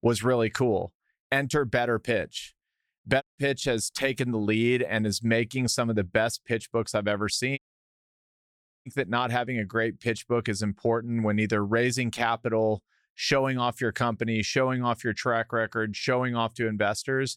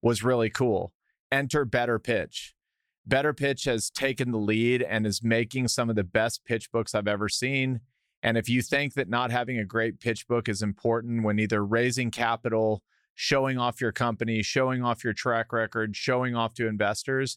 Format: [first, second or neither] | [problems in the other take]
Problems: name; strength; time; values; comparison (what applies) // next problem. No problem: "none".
second | audio cutting out; at 3 s and at 7.5 s for 1.5 s